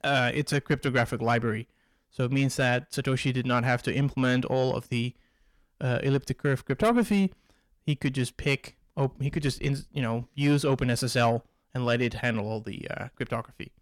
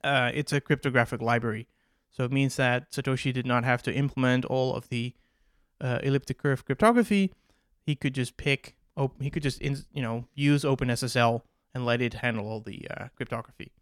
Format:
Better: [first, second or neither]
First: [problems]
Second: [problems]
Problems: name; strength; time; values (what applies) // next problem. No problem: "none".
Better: second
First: distortion; slight; 10 dB below the speech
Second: none